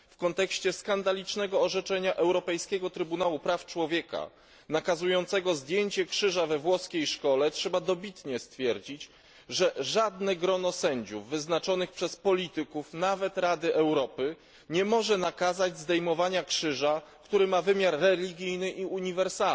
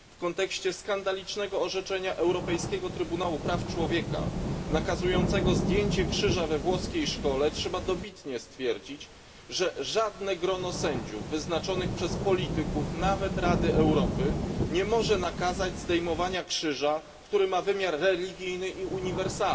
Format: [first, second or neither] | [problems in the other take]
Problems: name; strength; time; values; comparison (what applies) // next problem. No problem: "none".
first | background sound (Rain / Thunderstorm); 4 dB below the speech // room echo; dies away in 1.9 s